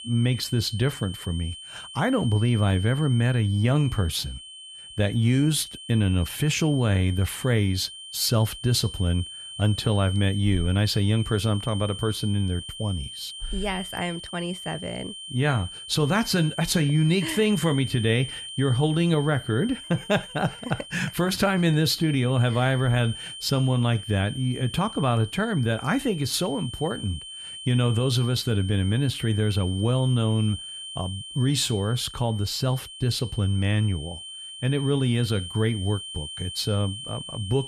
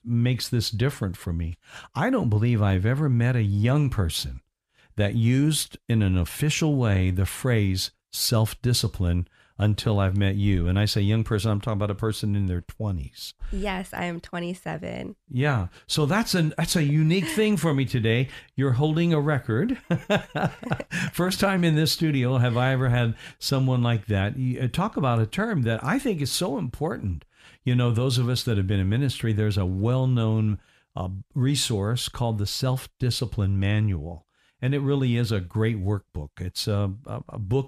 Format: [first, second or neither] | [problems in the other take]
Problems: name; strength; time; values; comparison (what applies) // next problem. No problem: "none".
second | high-pitched whine; noticeable; throughout; 3 kHz, 10 dB below the speech